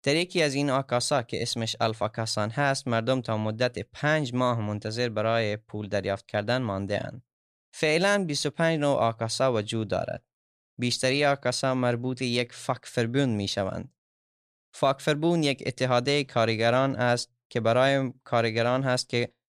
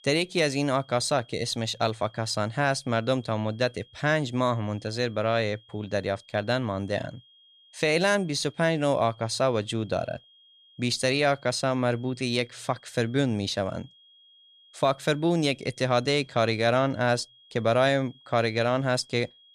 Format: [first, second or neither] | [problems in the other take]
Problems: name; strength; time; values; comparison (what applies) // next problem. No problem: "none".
first | high-pitched whine; faint; throughout; 3.5 kHz, 30 dB below the speech